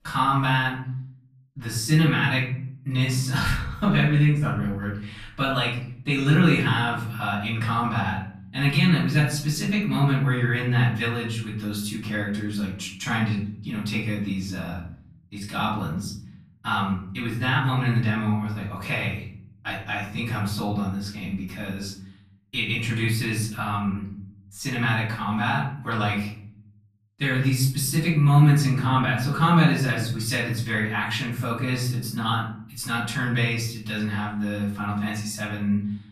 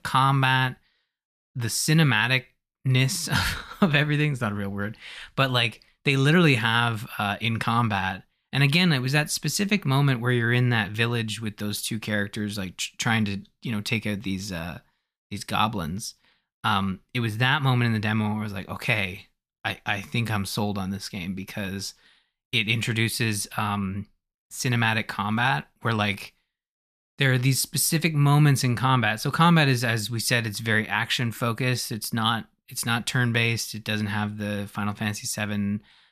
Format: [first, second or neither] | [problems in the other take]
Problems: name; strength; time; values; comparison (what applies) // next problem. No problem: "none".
second | room echo; noticeable; dies away in 0.7 s // off-mic speech; far